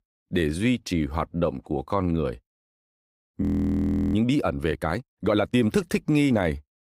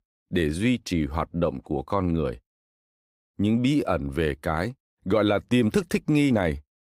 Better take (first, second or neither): second